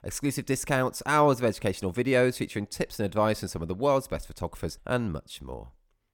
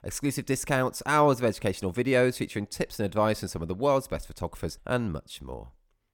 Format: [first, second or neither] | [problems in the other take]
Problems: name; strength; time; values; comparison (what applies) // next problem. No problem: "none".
neither | none